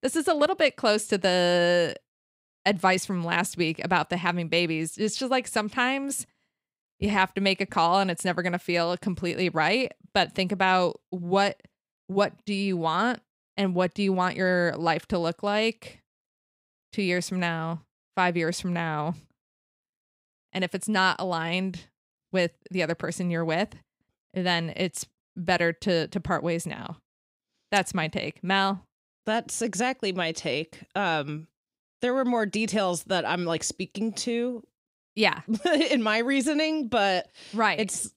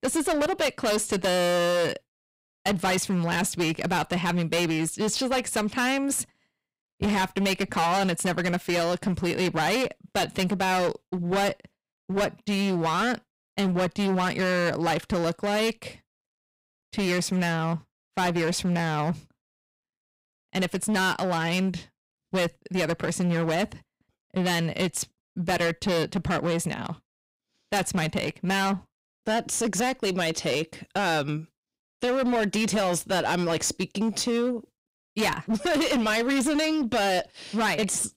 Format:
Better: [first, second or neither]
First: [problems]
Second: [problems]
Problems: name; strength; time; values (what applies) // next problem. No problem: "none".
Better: first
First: none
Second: distortion; heavy; 19% of the sound clipped